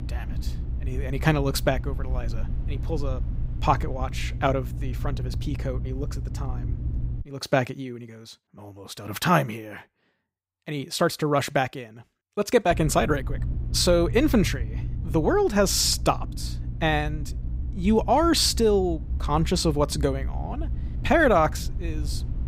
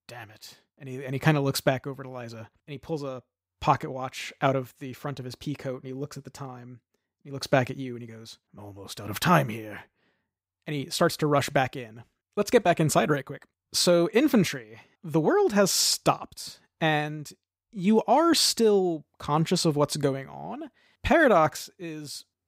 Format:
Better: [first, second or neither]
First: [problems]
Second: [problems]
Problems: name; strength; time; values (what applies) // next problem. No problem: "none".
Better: second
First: low rumble; faint; until 7 s and from 13 s on; 20 dB below the speech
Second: none